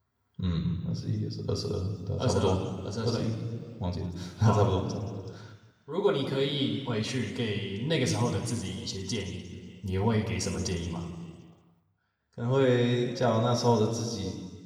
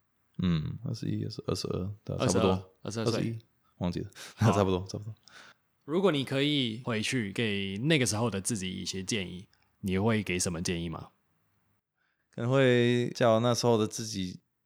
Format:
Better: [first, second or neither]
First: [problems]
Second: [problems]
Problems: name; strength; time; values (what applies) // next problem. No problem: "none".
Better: second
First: room echo; noticeable; dies away in 1.7 s // off-mic speech; somewhat distant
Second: none